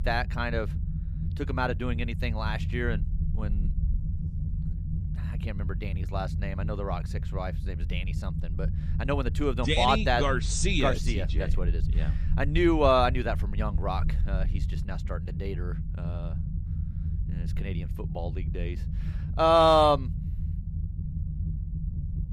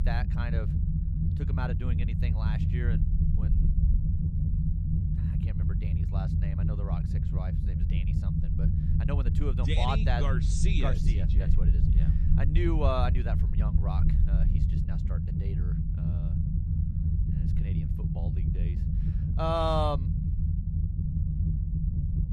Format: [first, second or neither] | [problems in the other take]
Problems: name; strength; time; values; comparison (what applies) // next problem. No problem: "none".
first | low rumble; loud; throughout; 7 dB below the speech; faint in the first